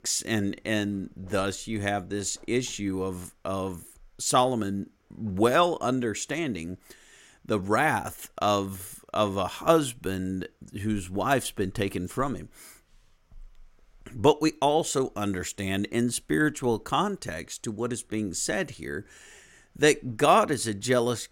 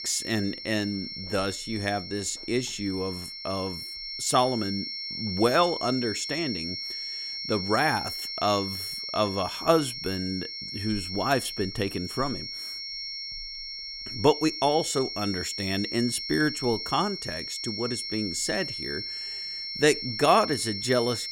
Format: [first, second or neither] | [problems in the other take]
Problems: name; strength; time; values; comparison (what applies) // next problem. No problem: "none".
first | high-pitched whine; loud; throughout; 5.5 kHz, 5 dB below the speech